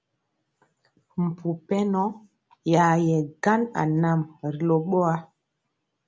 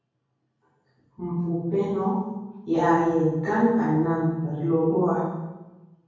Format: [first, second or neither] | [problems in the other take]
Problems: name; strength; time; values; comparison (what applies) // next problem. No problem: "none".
first | room echo; dies away in 1.3 s